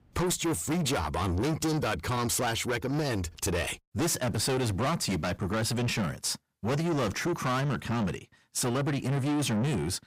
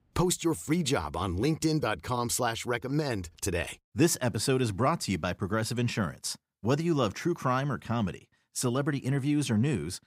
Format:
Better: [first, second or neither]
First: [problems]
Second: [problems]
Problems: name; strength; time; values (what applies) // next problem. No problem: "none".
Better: second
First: distortion; heavy; 6 dB below the speech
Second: none